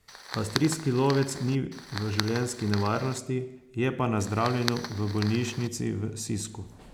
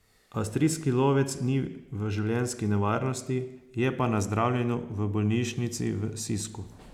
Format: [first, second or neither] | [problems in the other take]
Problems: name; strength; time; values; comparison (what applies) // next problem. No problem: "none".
second | background sound (Fire); 10 dB below the speech